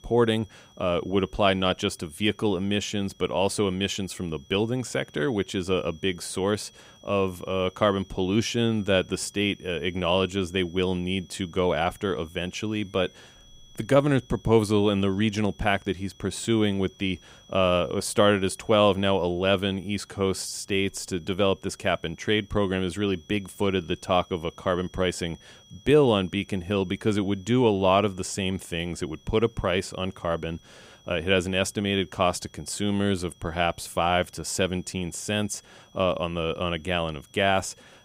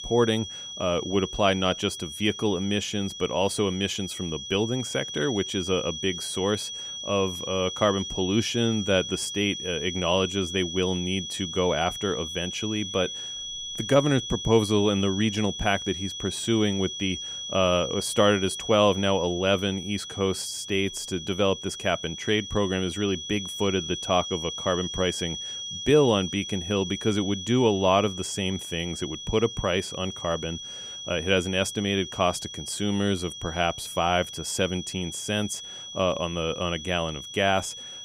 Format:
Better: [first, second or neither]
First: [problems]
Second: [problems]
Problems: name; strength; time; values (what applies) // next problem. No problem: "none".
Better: first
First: high-pitched whine; faint; throughout; 3.5 kHz, 30 dB below the speech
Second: high-pitched whine; loud; throughout; 3.5 kHz, 8 dB below the speech